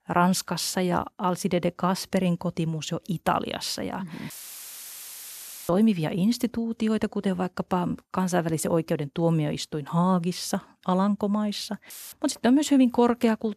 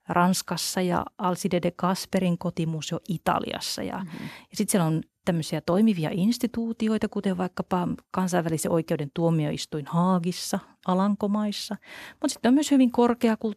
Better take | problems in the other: second | audio cutting out; filled with static; at 4.5 s for 1.5 s and at 12 s

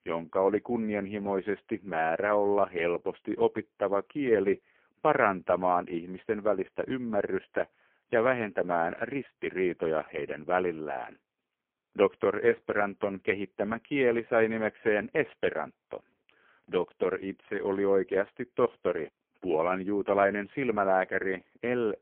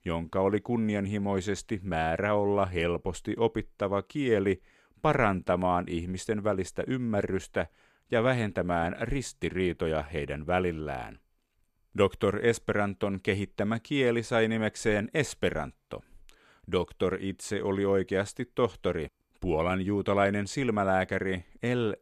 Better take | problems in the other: second | phone-call audio; poor line; nothing above 3 kHz

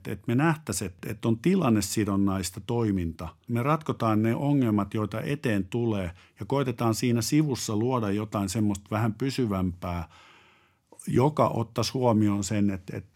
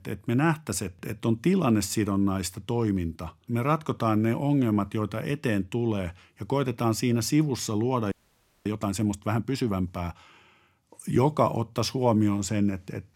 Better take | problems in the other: first | audio freezing; at 8 s for 0.5 s

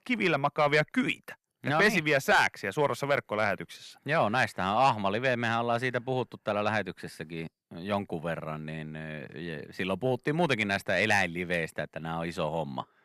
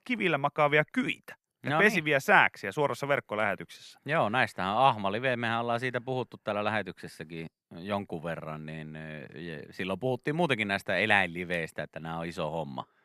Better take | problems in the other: second | distortion; slight; 10 dB below the speech

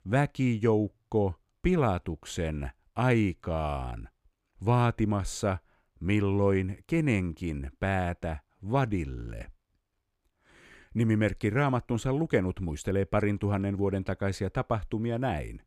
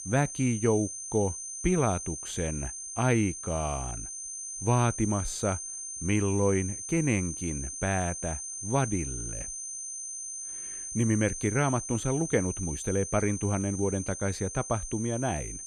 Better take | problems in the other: first | high-pitched whine; loud; throughout; 6.5 kHz, 6 dB below the speech

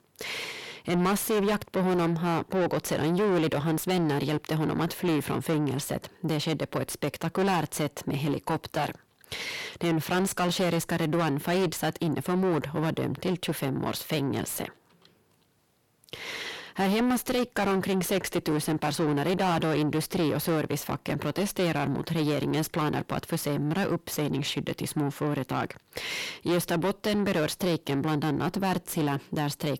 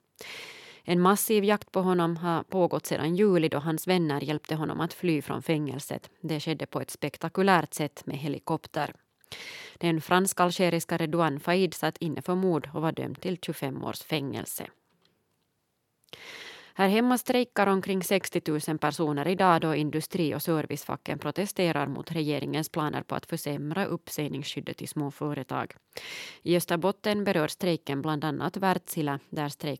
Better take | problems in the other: second | distortion; heavy; 6 dB below the speech

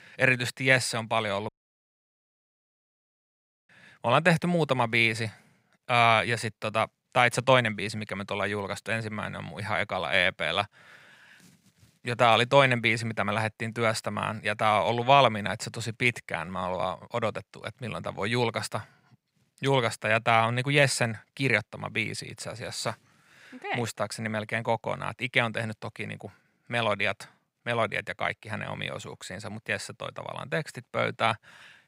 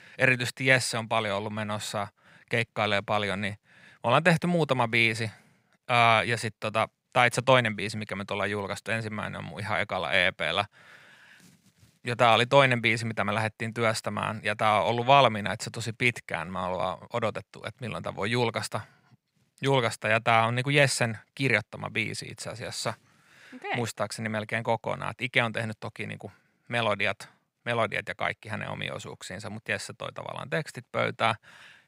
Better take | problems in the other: second | audio cutting out; at 1.5 s for 2 s

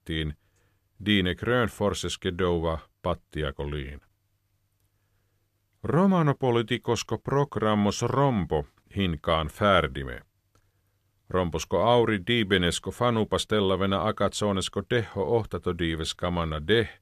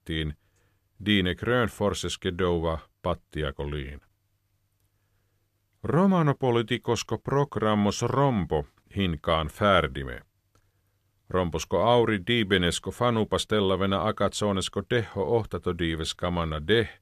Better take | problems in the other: neither | none

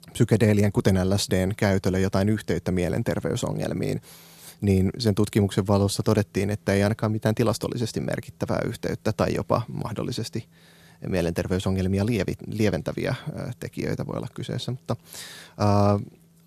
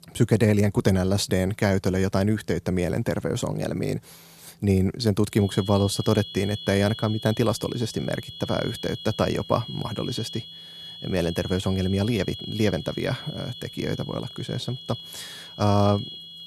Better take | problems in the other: first | high-pitched whine; noticeable; from 5.5 s on; 3.5 kHz, 10 dB below the speech

